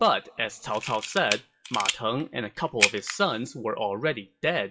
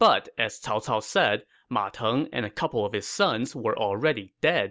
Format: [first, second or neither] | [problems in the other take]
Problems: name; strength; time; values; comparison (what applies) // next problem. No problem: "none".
second | noise reduction (classical method WPE with log-MMSE)